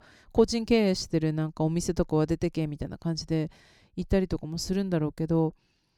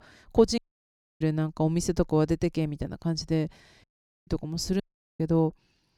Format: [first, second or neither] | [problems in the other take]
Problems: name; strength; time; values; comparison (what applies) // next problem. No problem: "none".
first | audio cutting out; at 0.5 s for 0.5 s, at 4 s and at 5 s